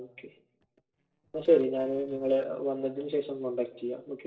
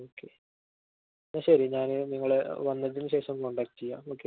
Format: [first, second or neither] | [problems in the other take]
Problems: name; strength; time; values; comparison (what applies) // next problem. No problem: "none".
second | noise reduction (neural separator model SepFormer DNS4)